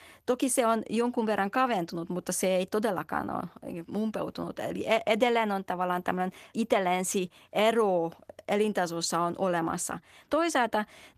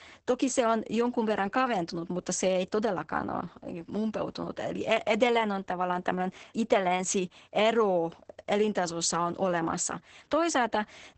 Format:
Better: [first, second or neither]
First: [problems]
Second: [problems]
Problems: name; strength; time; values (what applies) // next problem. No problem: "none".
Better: first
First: garbled, watery; slightly; nothing above 14 kHz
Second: garbled, watery; badly; nothing above 8 kHz